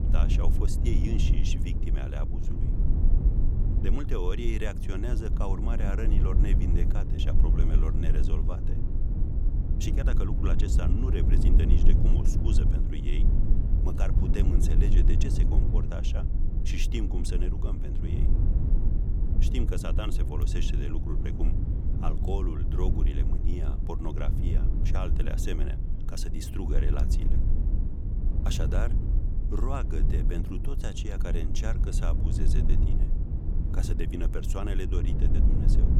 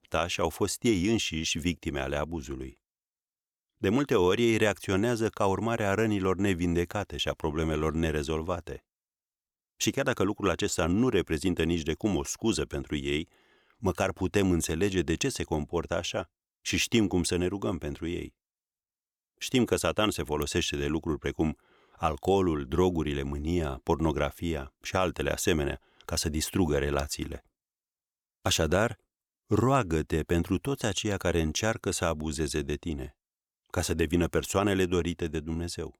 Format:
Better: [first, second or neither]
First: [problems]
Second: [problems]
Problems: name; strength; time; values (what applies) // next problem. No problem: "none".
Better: second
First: low rumble; loud; throughout; 3 dB below the speech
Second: none